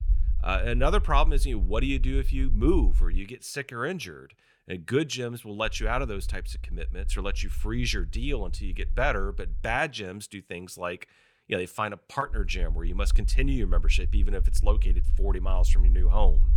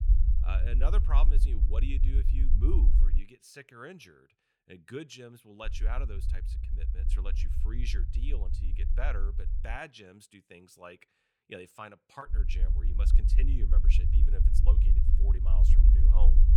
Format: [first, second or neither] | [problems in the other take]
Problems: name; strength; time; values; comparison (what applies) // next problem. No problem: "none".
first | low rumble; loud; until 3 s, from 5.5 to 10 s and from 12 s on; 6 dB below the speech; faint in the first